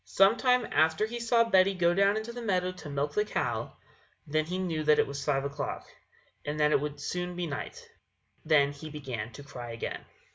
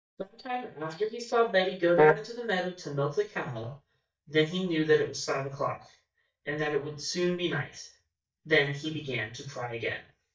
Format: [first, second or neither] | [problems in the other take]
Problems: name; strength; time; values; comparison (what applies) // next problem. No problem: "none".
first | noise reduction (neural mask model DeepFilterNet 3)